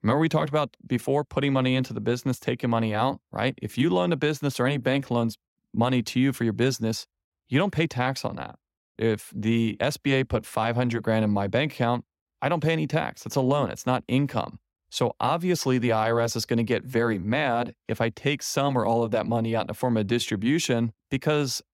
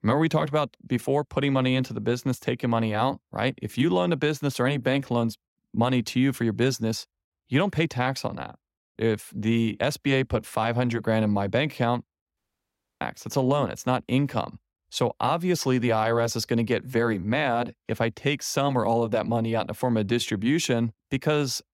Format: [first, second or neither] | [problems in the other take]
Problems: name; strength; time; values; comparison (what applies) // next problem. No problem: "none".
first | audio cutting out; at 12 s for 0.5 s